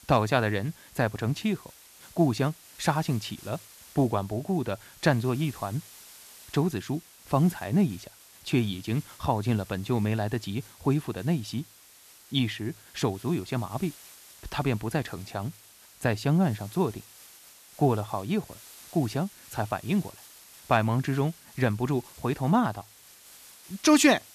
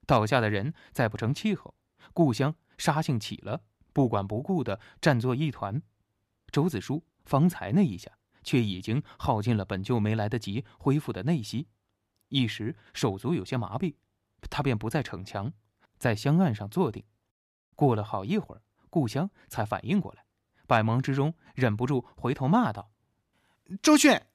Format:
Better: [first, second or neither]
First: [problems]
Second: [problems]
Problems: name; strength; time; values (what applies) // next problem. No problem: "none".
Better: second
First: hiss; faint; throughout; 20 dB below the speech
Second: none